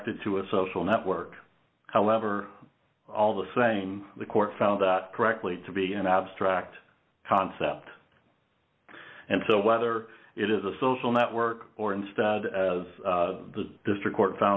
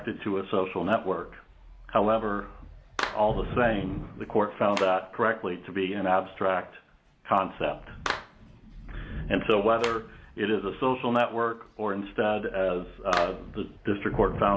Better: first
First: none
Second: background sound (Thunder / Rain + Clapping); 11 dB below the speech

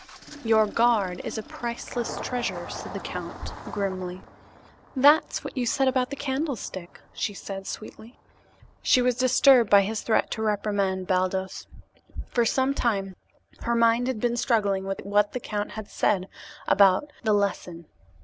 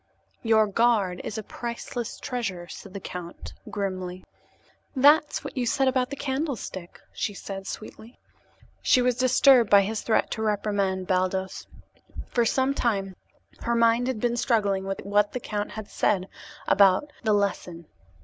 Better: second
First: background sound (Engine starting); 19 dB below the speech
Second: none

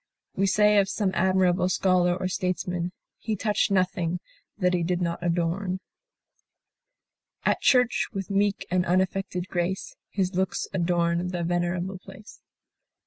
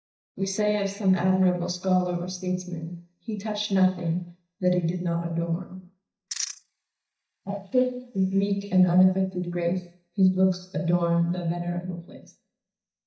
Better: first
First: none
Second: noise reduction (neural mask model DeepFilterNet 3)

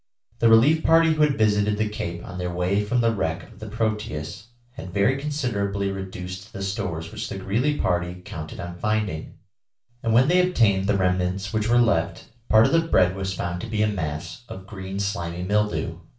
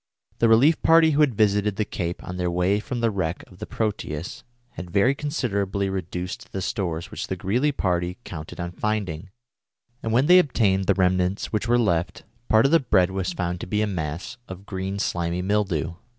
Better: second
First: room echo; dies away in 0.3 s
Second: none

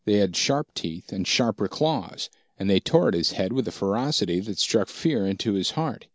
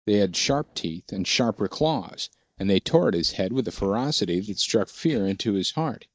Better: first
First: none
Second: noise reduction (neural mask model DeepFilterNet 3)

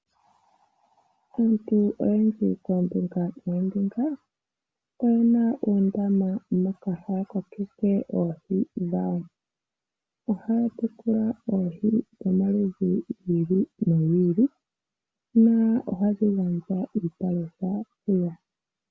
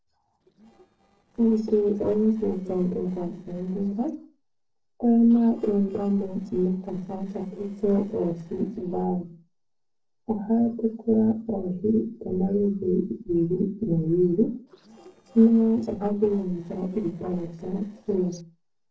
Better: first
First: none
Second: noise reduction (neural separator model SepFormer DNS4)

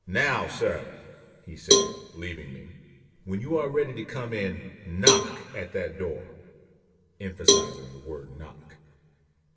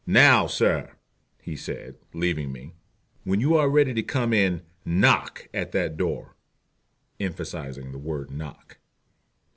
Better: second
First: background sound (Cowbell); 4 dB above the speech // room echo; dies away in 2.2 s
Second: none

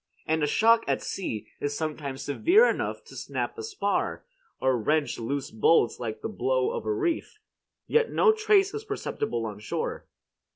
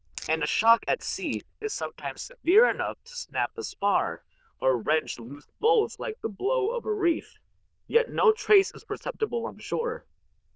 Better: first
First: none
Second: noise reduction (neural diffusion model UNIVERSE++)

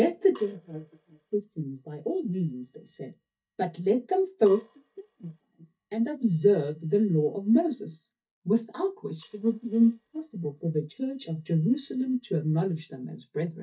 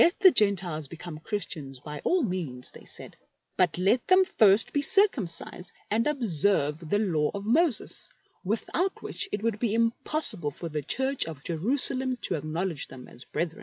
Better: second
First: noise reduction (neural mask model DeepFilterNet 3)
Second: none

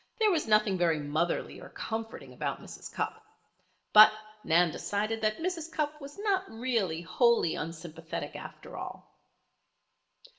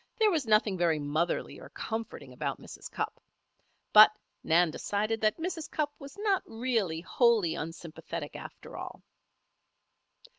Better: second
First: room echo; dies away in 0.6 s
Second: none

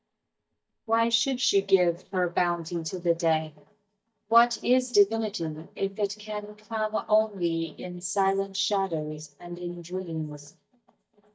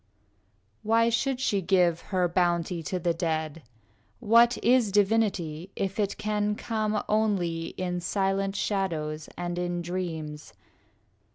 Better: second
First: noise reduction (neural mask model DeepFilterNet 3)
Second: none

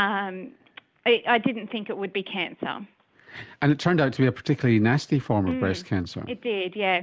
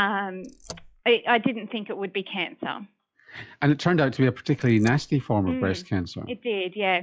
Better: first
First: none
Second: noise reduction (classical method log-MMSE)

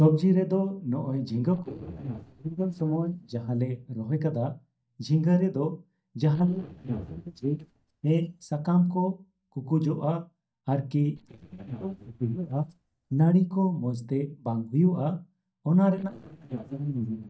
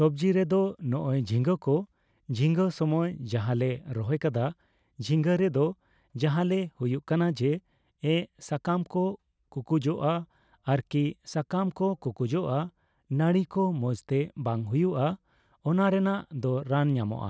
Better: second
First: noise reduction (neural mask model DeepFilterNet 3)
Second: none

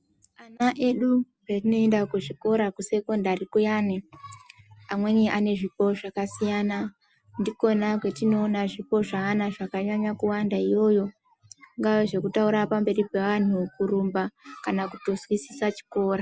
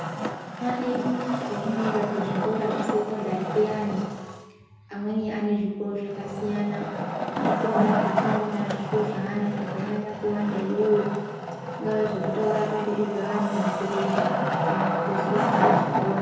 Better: first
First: none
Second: background sound (Wood); as loud as the speech // room echo; dies away in 1.2 s

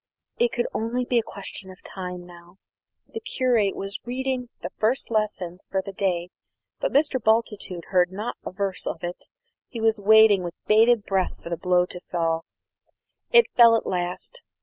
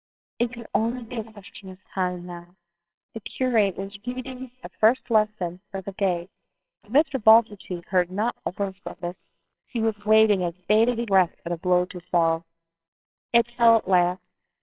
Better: first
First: none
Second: noise reduction (neural separator model SepFormer WHAMR!)

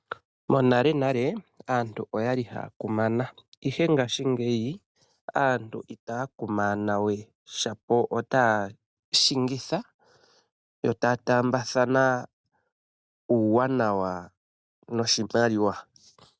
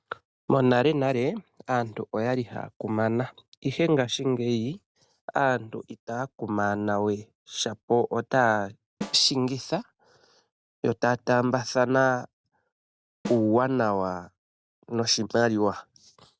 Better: first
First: none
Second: background sound (Snare drum); 16 dB below the speech

